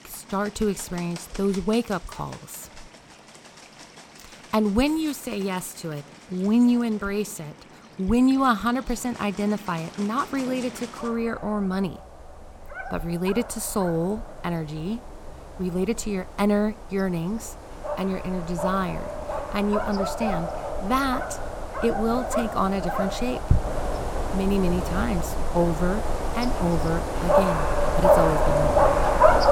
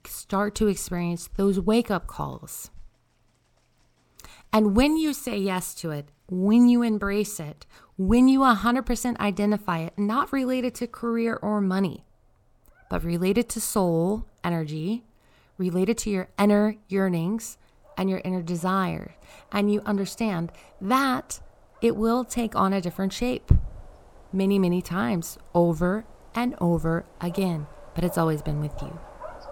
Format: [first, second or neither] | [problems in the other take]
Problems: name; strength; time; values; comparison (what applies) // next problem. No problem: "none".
second | animal sounds; loud; throughout; as loud as the speech; faint in the second